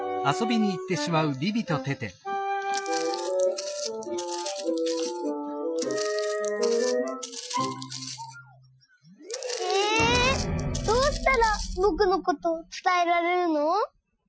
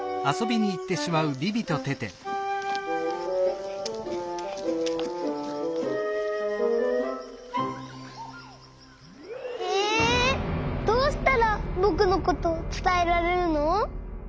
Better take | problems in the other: second | noise reduction (classical method Wiener filter)

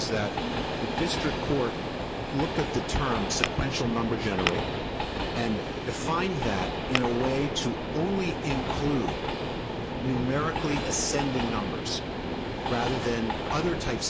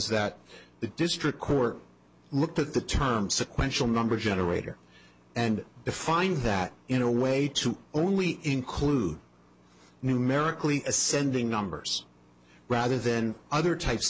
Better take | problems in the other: second | background sound (Train + Tap / Glass); as loud as the speech

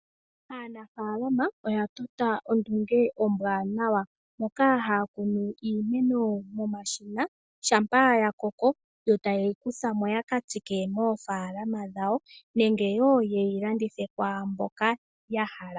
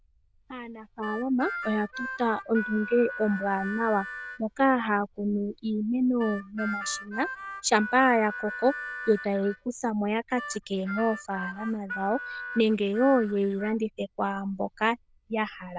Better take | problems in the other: first | noise reduction (neural diffusion model UNIVERSE++)

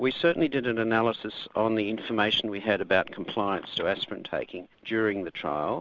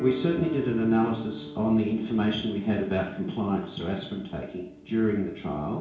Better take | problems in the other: first | background sound (Guitar); 15 dB below the speech // room echo; dies away in 0.6 s

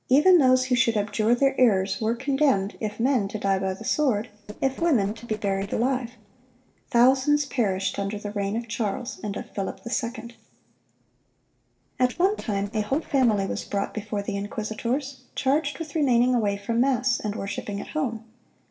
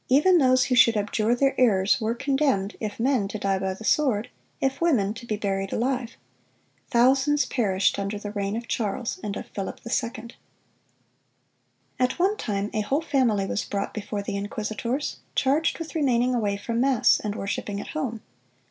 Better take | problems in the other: second | noise reduction (neural separator model SepFormer DNS4)

